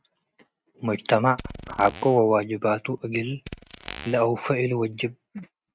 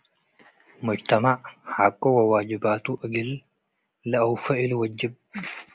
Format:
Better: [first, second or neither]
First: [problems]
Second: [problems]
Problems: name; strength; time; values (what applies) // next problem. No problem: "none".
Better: second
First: noise reduction (neural mask model RNNoise)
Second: none